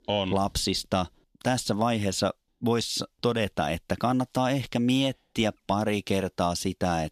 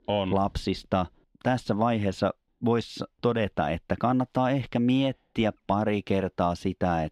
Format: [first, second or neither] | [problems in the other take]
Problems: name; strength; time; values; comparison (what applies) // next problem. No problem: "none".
first | muffled; slightly; fading above 4 kHz